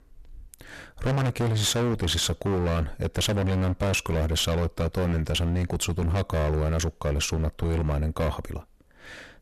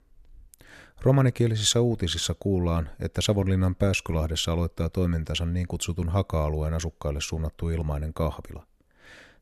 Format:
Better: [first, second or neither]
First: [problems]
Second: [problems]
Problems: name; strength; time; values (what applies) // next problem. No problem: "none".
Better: second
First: distortion; heavy; 28% of the sound clipped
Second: none